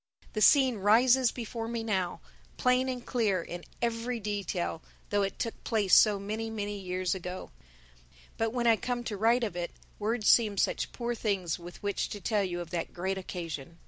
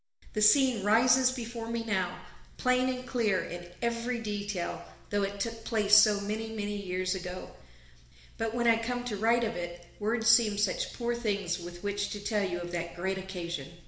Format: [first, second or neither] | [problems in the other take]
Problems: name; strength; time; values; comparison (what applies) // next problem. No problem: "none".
first | room echo; dies away in 0.9 s